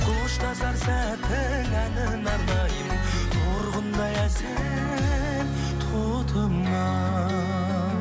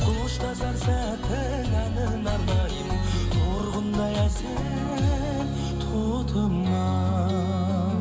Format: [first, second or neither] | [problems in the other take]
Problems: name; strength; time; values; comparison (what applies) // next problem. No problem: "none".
first | room echo; dies away in 1.5 s